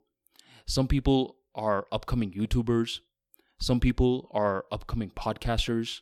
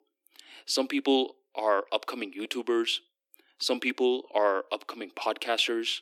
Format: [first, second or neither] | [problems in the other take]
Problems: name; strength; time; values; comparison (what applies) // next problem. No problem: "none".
first | thin; somewhat; fading below 300 Hz